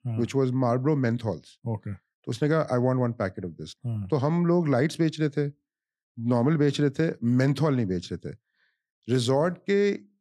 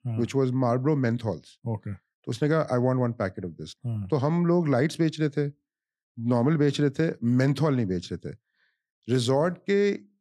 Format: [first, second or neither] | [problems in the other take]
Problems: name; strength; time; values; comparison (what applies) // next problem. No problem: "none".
neither | none